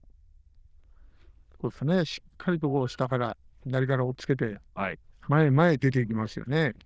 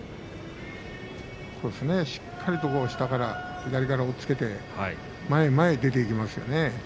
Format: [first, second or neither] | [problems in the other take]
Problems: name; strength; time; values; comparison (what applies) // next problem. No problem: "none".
second | noise reduction (neural diffusion model UNIVERSE++)